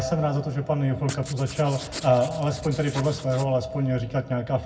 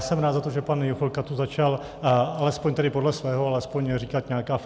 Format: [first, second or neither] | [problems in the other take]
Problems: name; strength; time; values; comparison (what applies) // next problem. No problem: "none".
second | background sound (Writing); 14 dB below the speech // room echo; dies away in 0.3 s